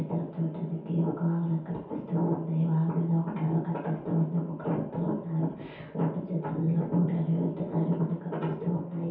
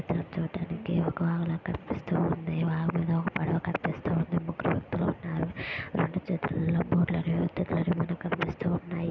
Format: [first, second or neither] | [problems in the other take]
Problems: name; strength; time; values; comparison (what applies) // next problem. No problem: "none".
second | room echo; dies away in 0.6 s